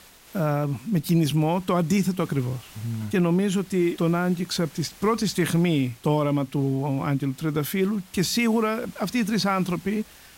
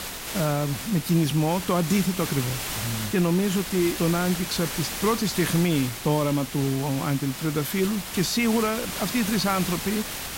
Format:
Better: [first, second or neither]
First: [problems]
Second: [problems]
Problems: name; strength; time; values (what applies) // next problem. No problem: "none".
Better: first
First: hiss; faint; throughout; 25 dB below the speech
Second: hiss; loud; throughout; 6 dB below the speech